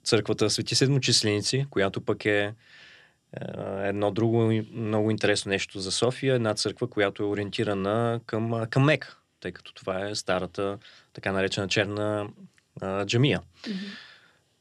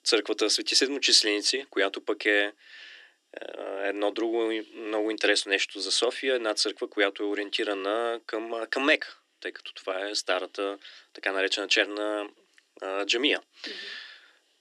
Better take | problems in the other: first | thin; somewhat; fading below 300 Hz

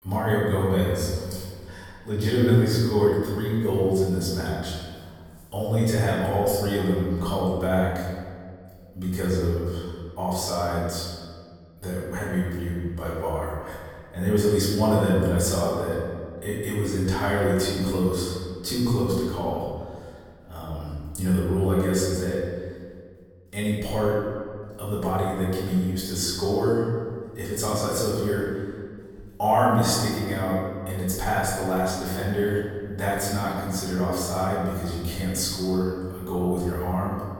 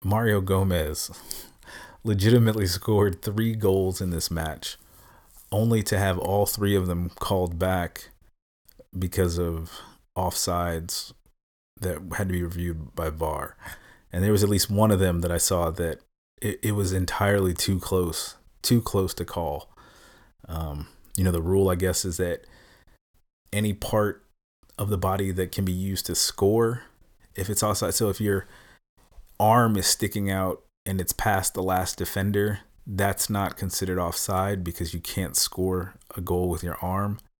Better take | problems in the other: second | room echo; strong; dies away in 1.7 s // off-mic speech; far

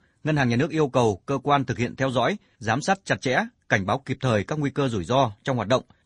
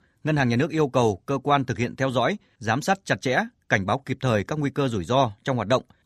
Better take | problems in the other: second | garbled, watery; slightly; nothing above 9 kHz

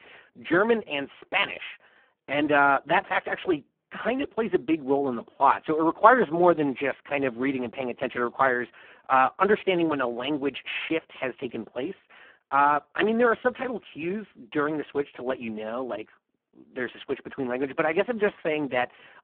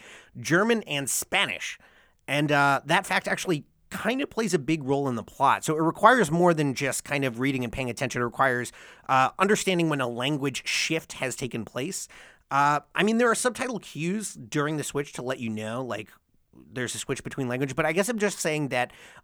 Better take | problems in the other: second | phone-call audio; poor line

